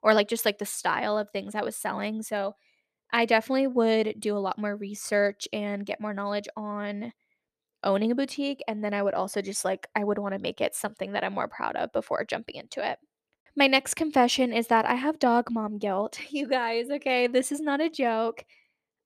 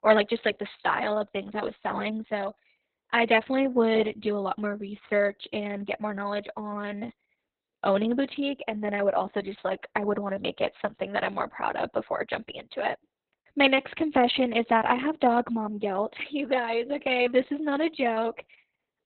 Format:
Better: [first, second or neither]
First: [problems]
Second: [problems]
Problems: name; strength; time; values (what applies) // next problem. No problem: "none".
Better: first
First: none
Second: garbled, watery; badly; nothing above 4 kHz